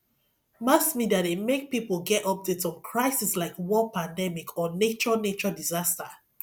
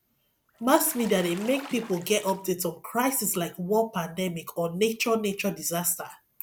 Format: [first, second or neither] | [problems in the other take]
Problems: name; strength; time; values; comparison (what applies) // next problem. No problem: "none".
first | background sound (Bathtub (filling or washing) / Splash, splatter); 17 dB below the speech